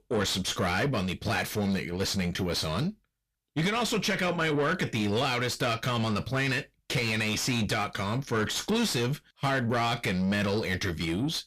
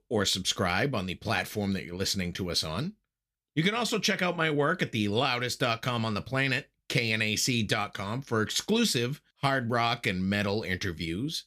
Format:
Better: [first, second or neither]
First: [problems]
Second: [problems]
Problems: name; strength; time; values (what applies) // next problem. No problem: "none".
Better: second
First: distortion; heavy; 7 dB below the speech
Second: none